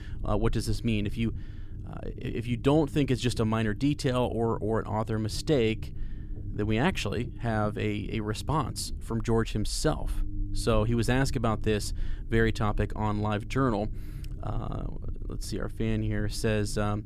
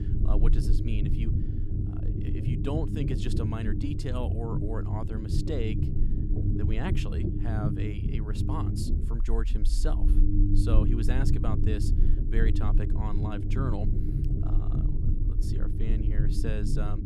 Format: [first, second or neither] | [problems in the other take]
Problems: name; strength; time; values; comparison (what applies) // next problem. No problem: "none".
first | low rumble; loud; throughout; 1 dB below the speech; faint in the first